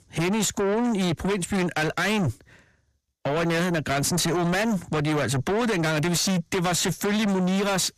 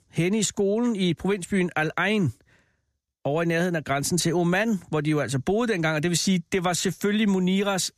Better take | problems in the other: second | distortion; heavy; 7 dB below the speech

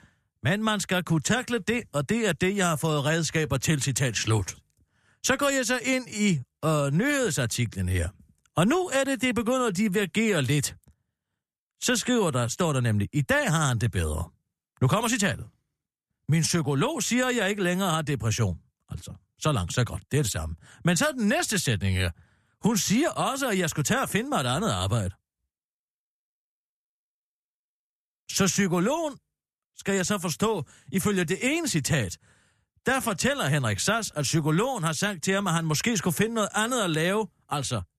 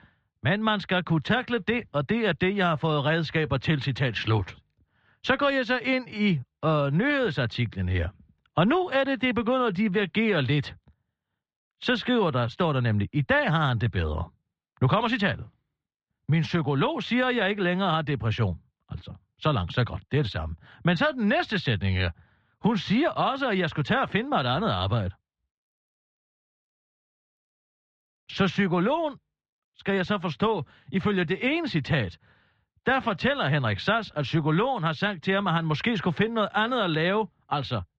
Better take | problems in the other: first | muffled; very; fading above 4 kHz

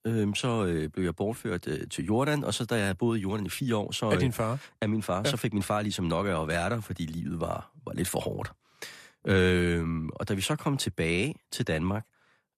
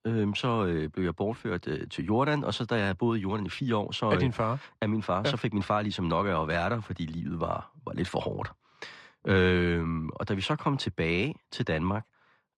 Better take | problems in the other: first | muffled; very slightly; fading above 5 kHz

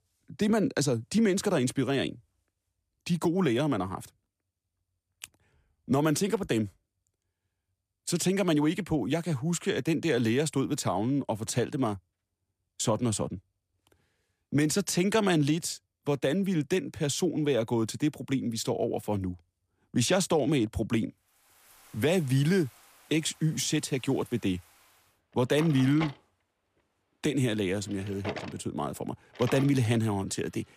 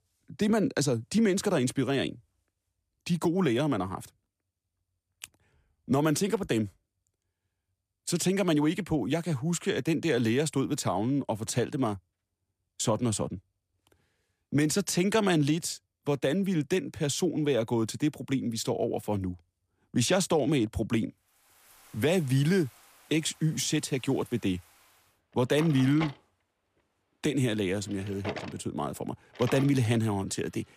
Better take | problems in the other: neither | household noises; noticeable; from 22 s on; 15 dB below the speech; the same in both

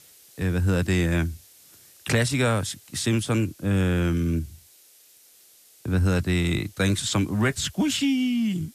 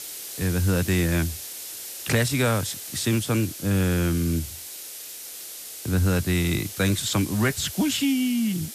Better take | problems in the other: first | hiss; loud; throughout; 10 dB below the speech; faint in the first

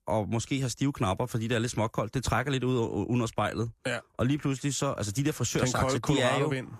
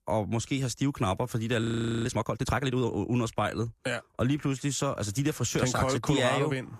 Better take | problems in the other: first | audio freezing; at 1.5 s

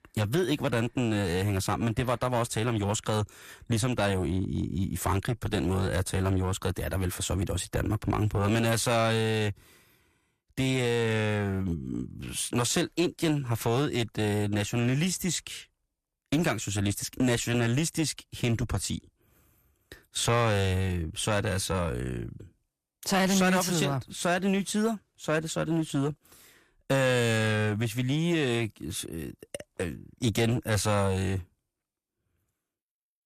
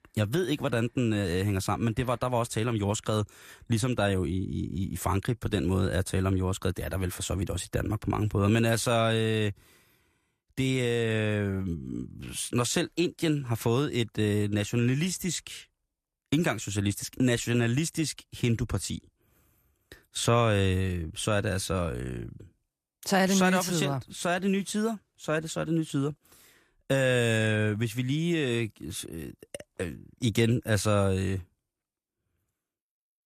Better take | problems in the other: second | distortion; slight; 7% of the sound clipped

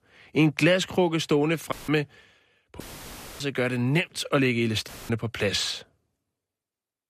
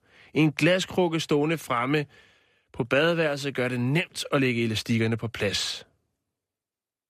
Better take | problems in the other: second | audio cutting out; filled with static; at 1.5 s, at 3 s for 0.5 s and at 5 s

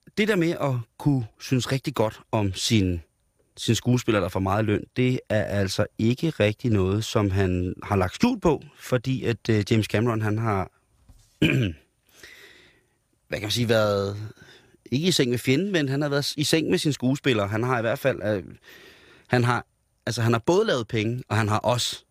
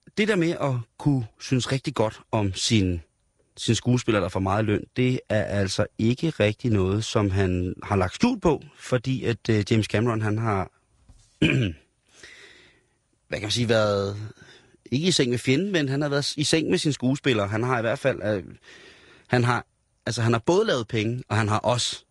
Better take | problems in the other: first | garbled, watery; slightly; nothing above 10.5 kHz

